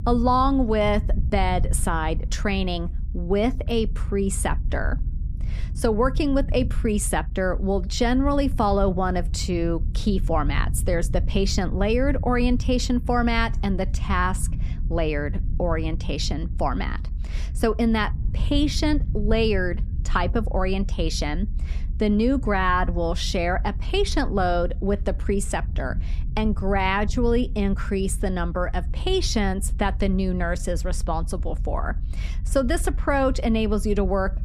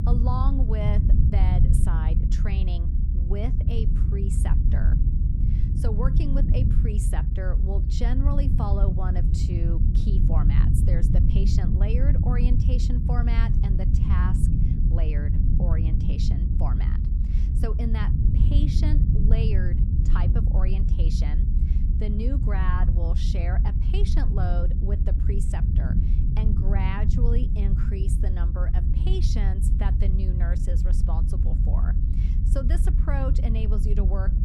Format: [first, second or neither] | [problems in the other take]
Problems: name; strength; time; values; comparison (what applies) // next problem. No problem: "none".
first | low rumble; loud; throughout; 1 dB below the speech; faint in the first